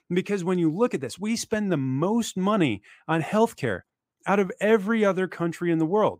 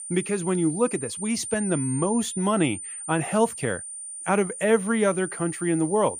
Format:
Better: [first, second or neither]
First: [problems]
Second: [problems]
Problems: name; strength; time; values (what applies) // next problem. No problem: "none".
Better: first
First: none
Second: high-pitched whine; loud; throughout; 9 kHz, 8 dB below the speech